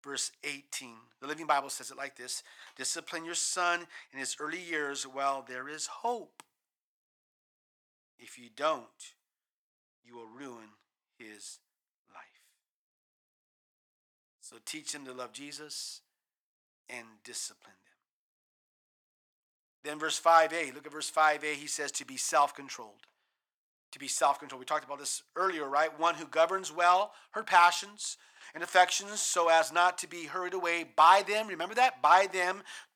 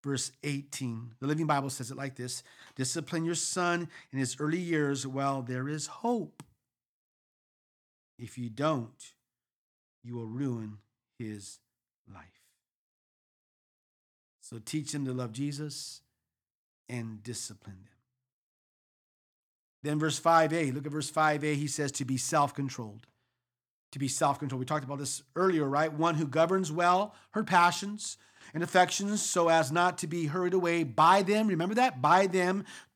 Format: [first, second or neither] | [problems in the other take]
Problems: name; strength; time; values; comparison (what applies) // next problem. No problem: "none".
second | thin; very; fading below 700 Hz